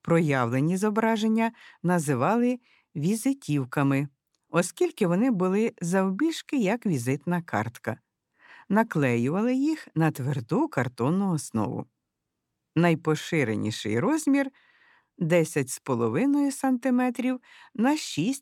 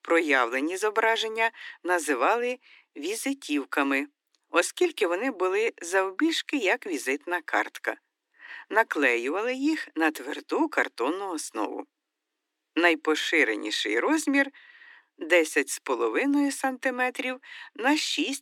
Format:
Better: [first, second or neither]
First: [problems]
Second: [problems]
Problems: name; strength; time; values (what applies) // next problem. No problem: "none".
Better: first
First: none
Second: thin; somewhat; fading below 300 Hz